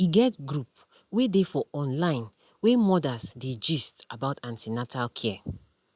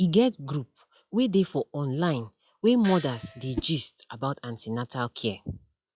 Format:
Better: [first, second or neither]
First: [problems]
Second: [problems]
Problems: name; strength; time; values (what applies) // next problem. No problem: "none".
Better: first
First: none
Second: noise reduction (classical method log-MMSE)